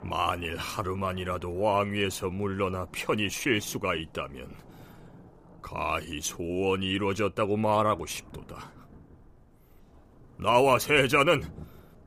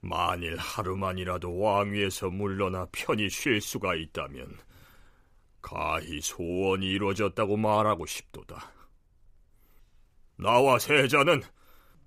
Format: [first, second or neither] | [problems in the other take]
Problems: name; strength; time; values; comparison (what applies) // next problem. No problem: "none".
second | rain or running water; faint; throughout; 25 dB below the speech